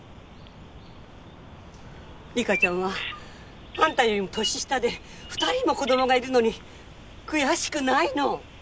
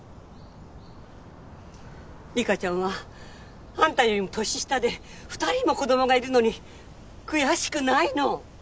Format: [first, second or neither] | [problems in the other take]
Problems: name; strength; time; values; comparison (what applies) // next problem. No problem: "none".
second | background sound (Bird vocalization, bird call, bird song); 11 dB below the speech